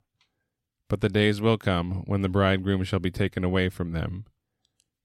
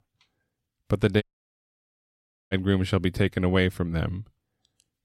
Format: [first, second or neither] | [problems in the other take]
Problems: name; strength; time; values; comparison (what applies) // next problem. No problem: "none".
first | audio cutting out; at 1 s for 1.5 s